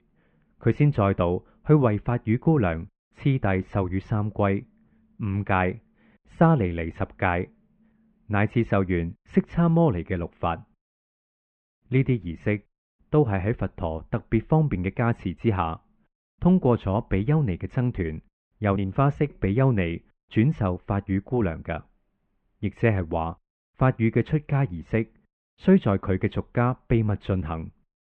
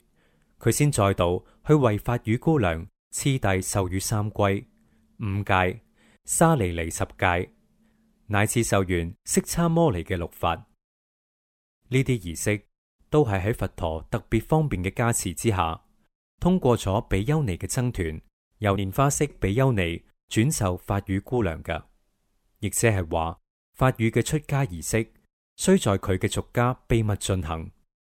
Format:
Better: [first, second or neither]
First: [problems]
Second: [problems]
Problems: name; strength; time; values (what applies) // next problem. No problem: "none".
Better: second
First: muffled; very; fading above 2.5 kHz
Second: none